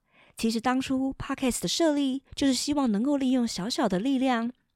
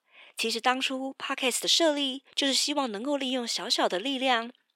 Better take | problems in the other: first | thin; somewhat; fading below 350 Hz

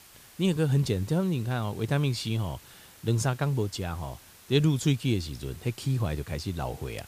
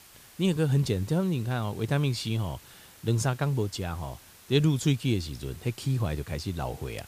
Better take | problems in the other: neither | hiss; faint; throughout; 20 dB below the speech; the same in both

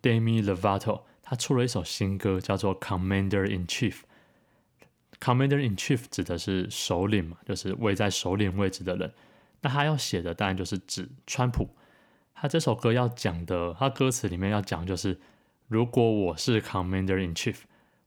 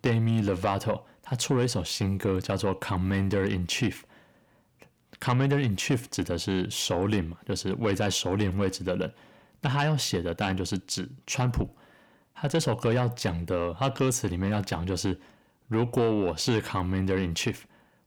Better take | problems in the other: first | distortion; slight; 10 dB below the speech

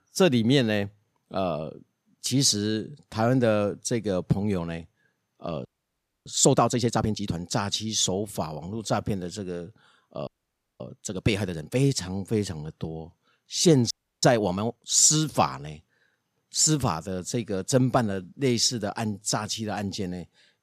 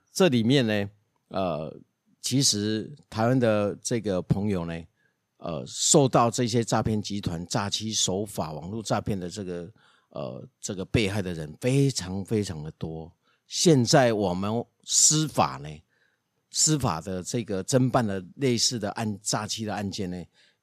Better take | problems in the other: second | audio freezing; at 5.5 s for 0.5 s, at 10 s for 0.5 s and at 14 s

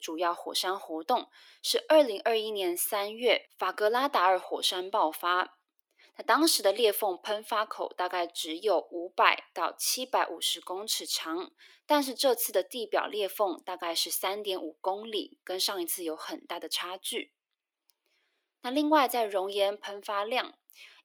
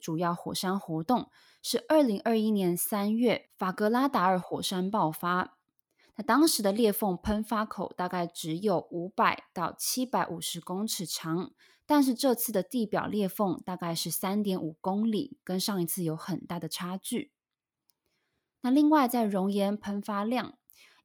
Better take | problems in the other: second | thin; somewhat; fading below 350 Hz

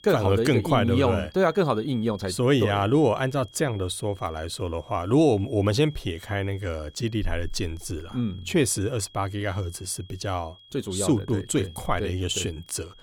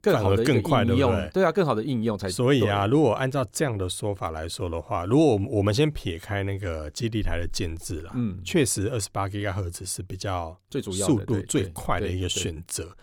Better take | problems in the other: second | high-pitched whine; faint; throughout; 3.5 kHz, 25 dB below the speech

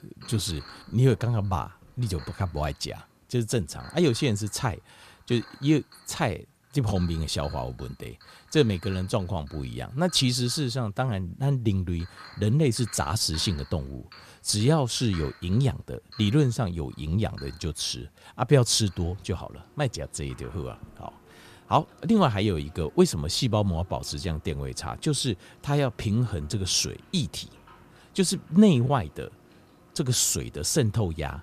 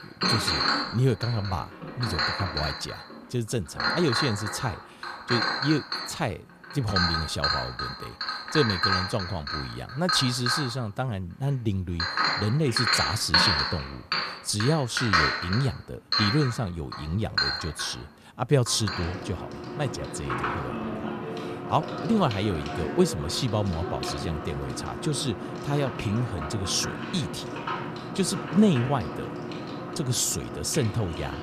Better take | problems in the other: first | household noises; loud; throughout; 1 dB below the speech; faint in the first

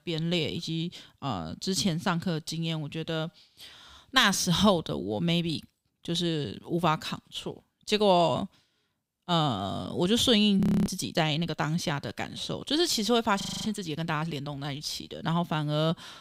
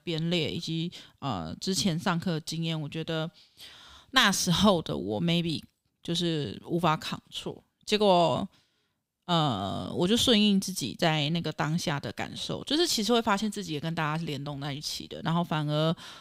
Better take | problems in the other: second | audio freezing; at 11 s and at 13 s

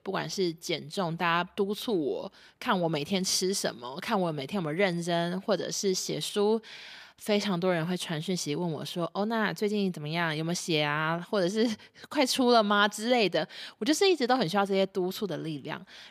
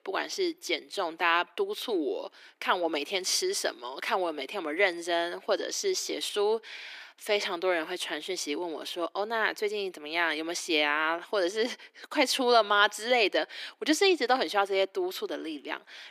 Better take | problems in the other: first | thin; somewhat; fading below 300 Hz

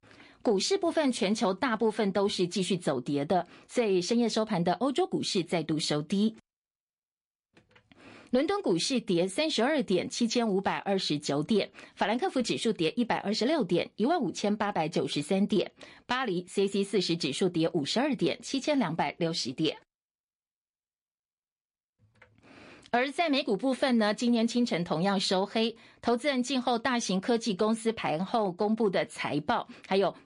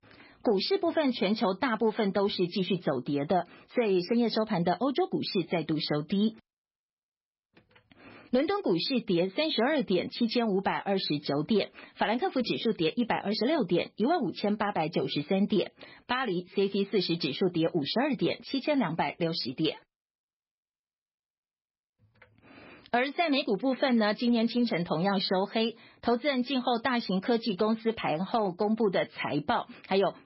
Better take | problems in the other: first | garbled, watery; badly; nothing above 5 kHz; slightly in the first

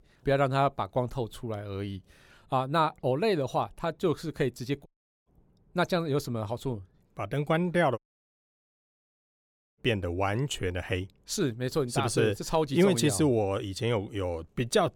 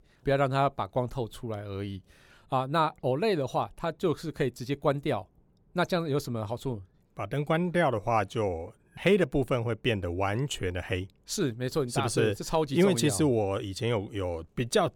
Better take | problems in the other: second | audio cutting out; at 5 s and at 8 s for 2 s

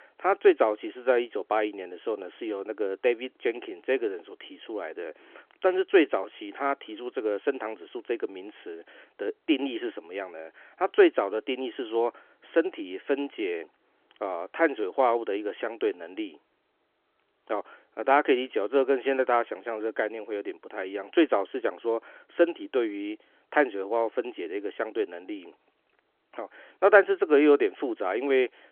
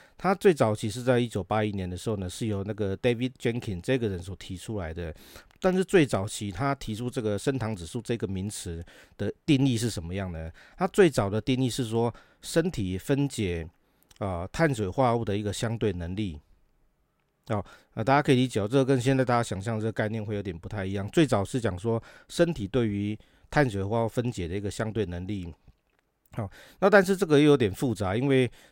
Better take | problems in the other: second | phone-call audio

